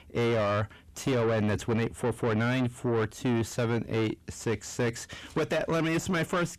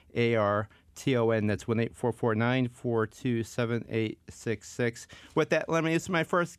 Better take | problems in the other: second | distortion; heavy; 7 dB below the speech

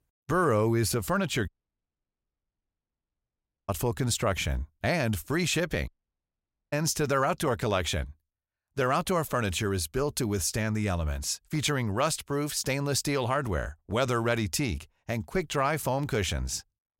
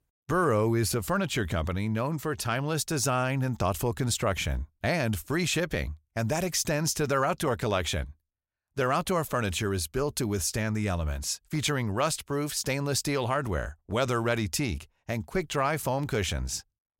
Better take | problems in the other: second | audio cutting out; at 1.5 s for 2 s and at 6 s for 1 s

